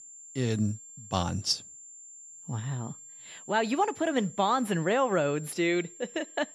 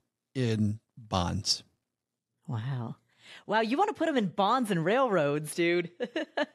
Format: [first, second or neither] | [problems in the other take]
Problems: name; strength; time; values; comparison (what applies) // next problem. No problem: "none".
second | high-pitched whine; noticeable; throughout; 7.5 kHz, 15 dB below the speech